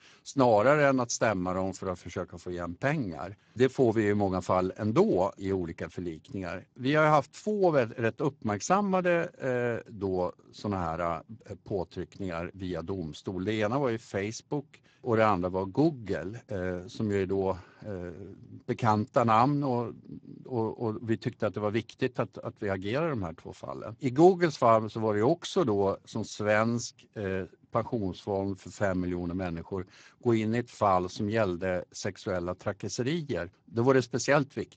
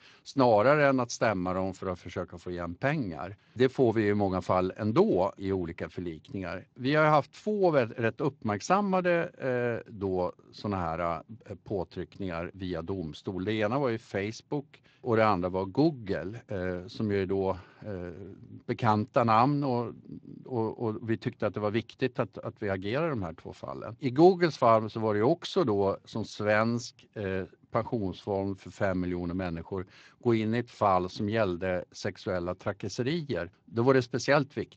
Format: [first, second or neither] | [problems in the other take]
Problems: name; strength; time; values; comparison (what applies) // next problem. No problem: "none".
second | garbled, watery; badly; nothing above 7.5 kHz; slightly in the second